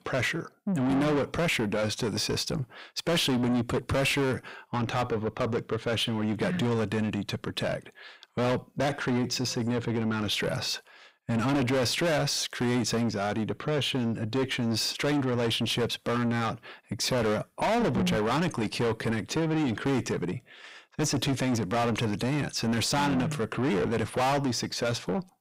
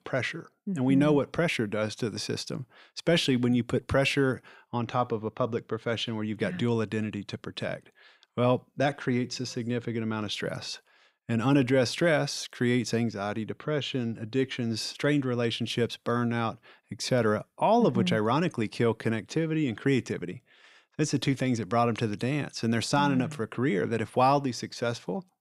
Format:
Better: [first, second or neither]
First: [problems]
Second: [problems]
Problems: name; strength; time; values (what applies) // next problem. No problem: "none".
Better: second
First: distortion; heavy; 6 dB below the speech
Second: none